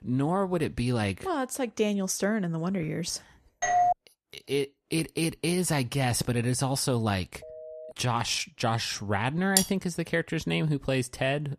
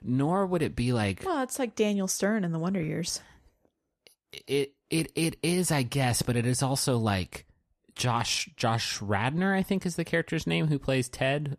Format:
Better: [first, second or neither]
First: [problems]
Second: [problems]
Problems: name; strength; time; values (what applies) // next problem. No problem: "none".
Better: second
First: doorbell; loud; at 3.5 s; peak 4 dB above the speech // phone ringing; faint; at 7.5 s; peak 15 dB below the speech // clattering dishes; loud; at 9.5 s; peak 3 dB above the speech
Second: none